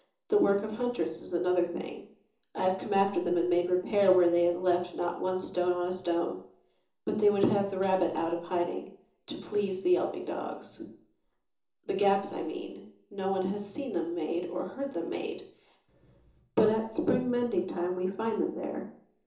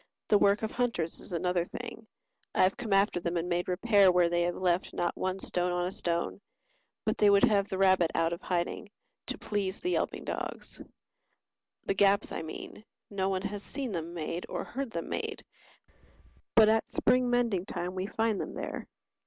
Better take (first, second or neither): second